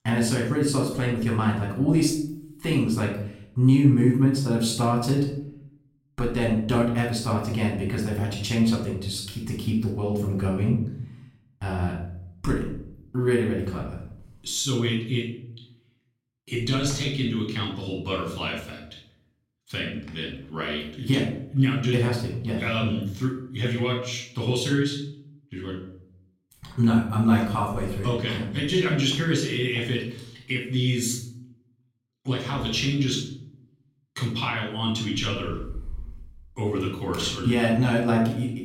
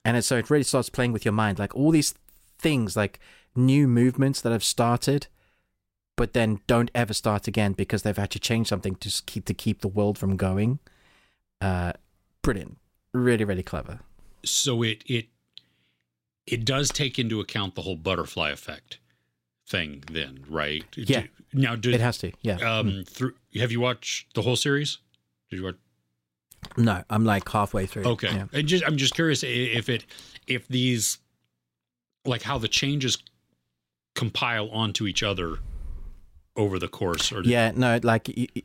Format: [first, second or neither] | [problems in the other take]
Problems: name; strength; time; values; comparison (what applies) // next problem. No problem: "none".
second | off-mic speech; far // room echo; noticeable; dies away in 0.6 s